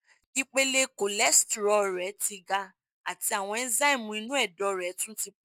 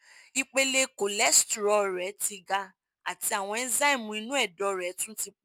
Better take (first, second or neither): second